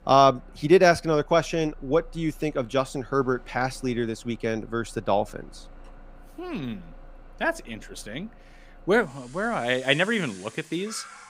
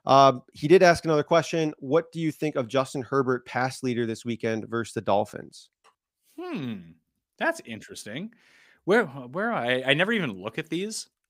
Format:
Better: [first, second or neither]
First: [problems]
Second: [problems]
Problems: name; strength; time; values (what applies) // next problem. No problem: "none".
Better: second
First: traffic noise; faint; throughout; 25 dB below the speech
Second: none